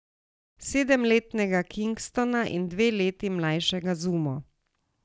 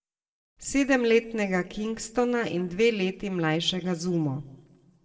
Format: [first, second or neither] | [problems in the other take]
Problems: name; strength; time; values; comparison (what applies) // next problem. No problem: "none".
first | room echo; dies away in 0.5 s